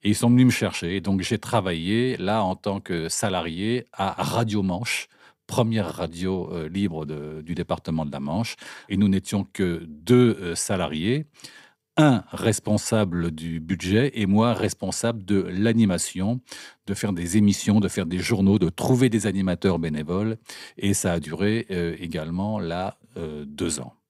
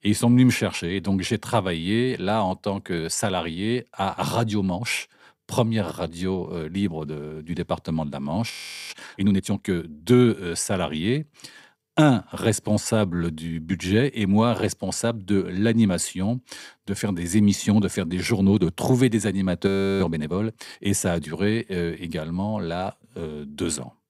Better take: first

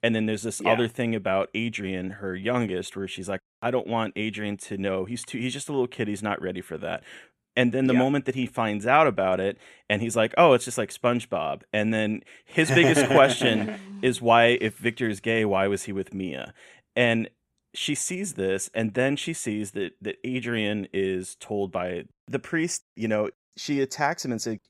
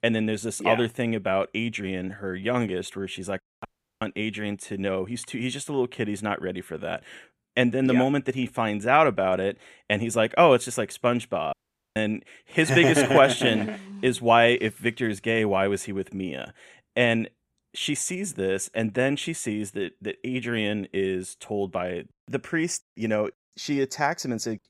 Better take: first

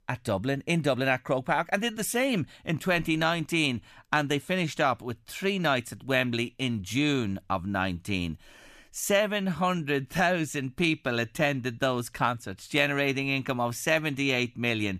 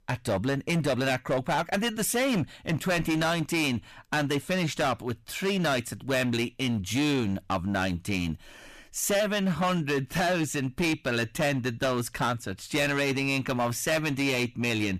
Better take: first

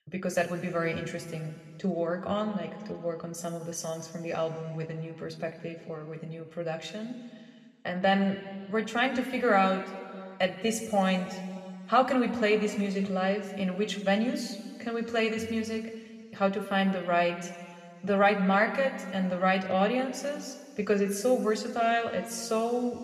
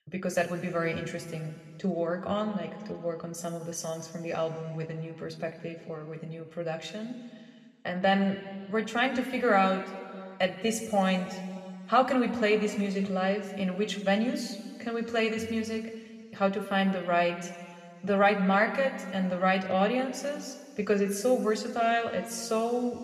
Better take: neither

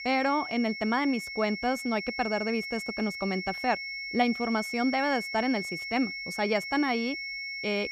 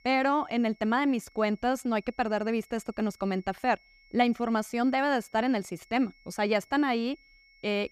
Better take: second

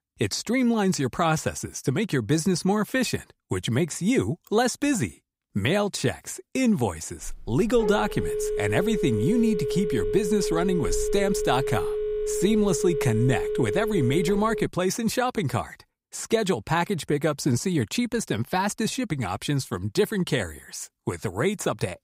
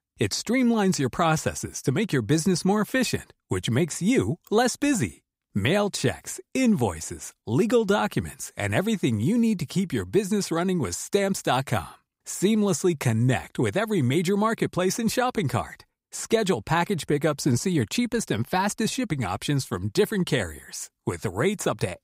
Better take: second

